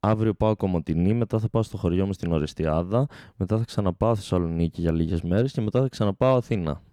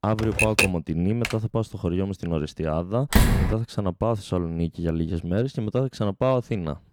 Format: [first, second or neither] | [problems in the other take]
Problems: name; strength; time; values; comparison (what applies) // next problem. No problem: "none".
first | keyboard typing; loud; at the start; peak 6 dB above the speech // keyboard typing; noticeable; at 1 s; peak 7 dB below the speech // door banging; loud; at 3 s; peak 6 dB above the speech